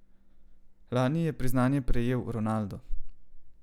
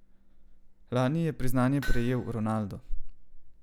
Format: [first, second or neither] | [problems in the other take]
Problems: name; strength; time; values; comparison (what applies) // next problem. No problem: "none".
first | background sound (Hammer); 18 dB below the speech